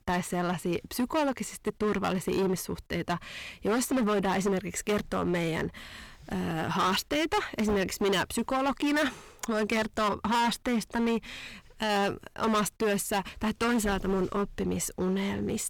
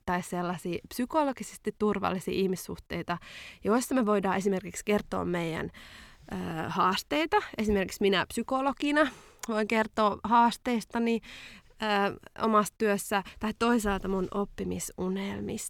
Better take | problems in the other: second | distortion; heavy; 14% of the sound clipped

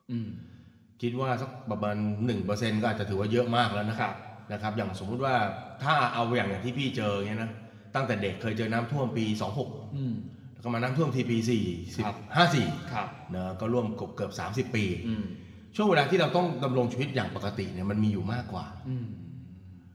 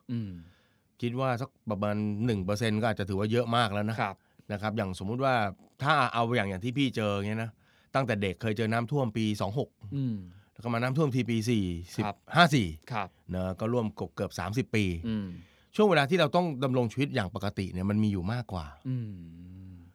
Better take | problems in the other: second | room echo; slight; dies away in 1.4 s

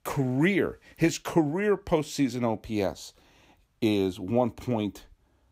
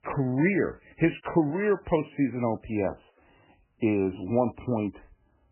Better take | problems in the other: first | garbled, watery; badly; nothing above 2.5 kHz

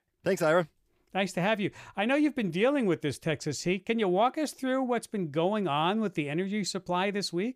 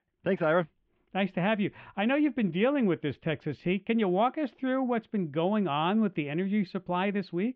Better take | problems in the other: first | muffled; very; fading above 3 kHz

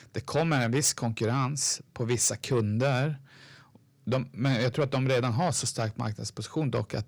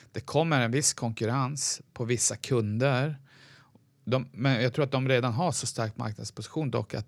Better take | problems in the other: second | distortion; slight; 10 dB below the speech

